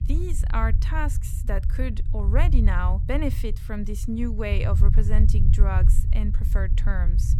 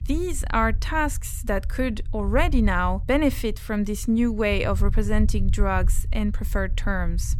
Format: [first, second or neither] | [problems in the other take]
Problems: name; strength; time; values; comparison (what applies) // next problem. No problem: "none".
second | low rumble; loud; throughout; 9 dB below the speech; faint in the second